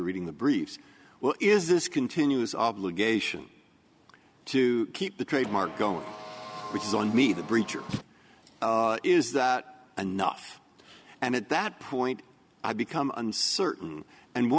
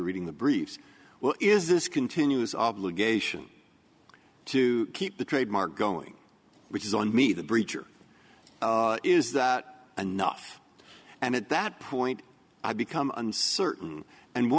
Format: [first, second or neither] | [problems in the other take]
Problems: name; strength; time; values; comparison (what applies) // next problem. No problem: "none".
second | background sound (Car); 12 dB below the speech